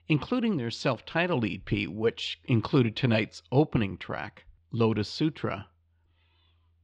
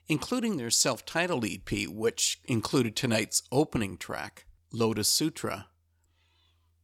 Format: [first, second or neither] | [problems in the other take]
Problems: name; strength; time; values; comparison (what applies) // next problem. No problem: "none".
second | muffled; slightly; fading above 3.5 kHz